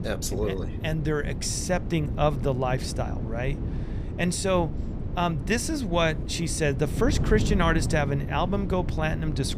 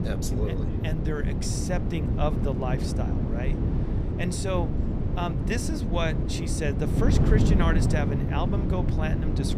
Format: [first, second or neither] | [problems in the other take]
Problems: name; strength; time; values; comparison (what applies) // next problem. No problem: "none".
first | wind noise on the microphone; heavy; 3 dB below the speech; occasional gusts in the first